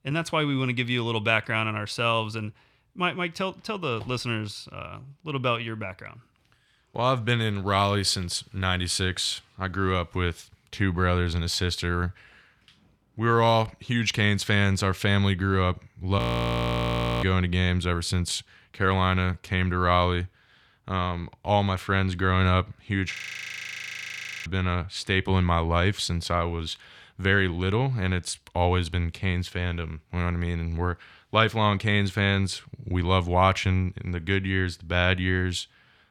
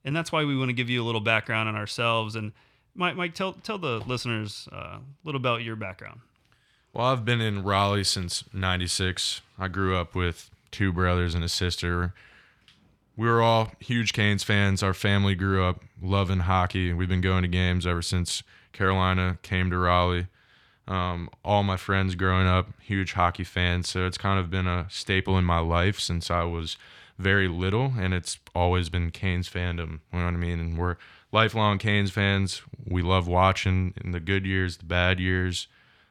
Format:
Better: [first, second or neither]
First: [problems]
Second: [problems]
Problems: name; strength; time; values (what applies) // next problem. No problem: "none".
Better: second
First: audio freezing; at 16 s for 1 s and at 23 s for 1.5 s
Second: none